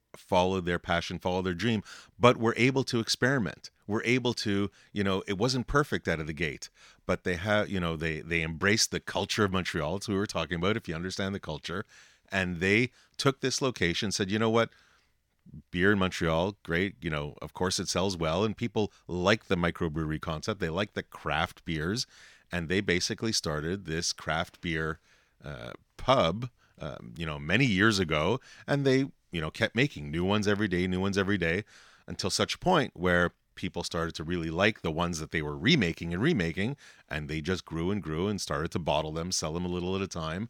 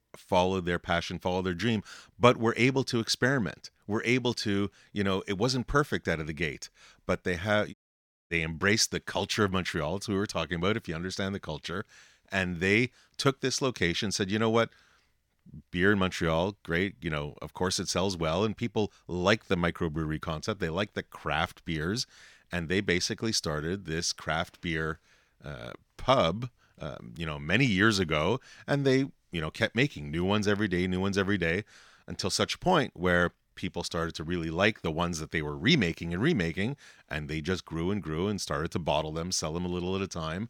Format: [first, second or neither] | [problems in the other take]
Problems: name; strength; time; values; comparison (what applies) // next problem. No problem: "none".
first | audio cutting out; at 7.5 s for 0.5 s